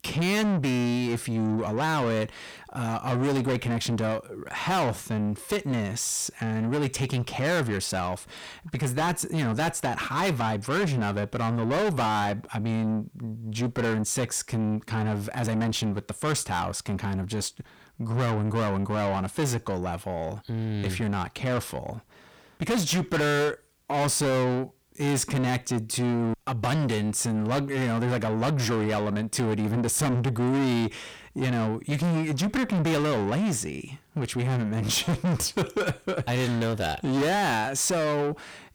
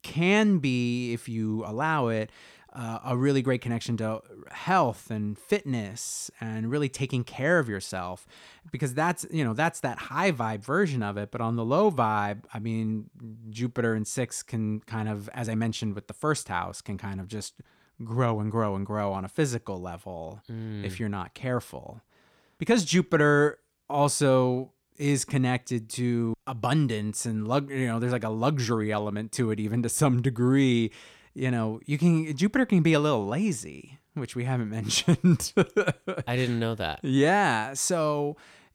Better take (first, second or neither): second